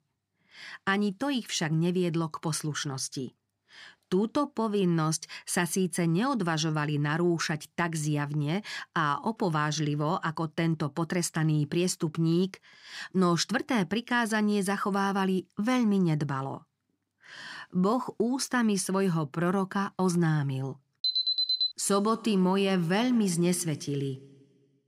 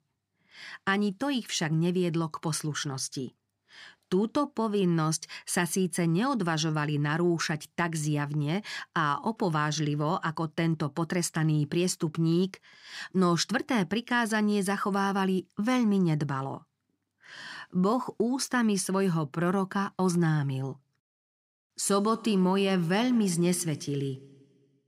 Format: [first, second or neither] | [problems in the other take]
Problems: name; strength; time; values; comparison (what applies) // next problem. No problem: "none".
second | alarm; loud; at 21 s; peak 4 dB above the speech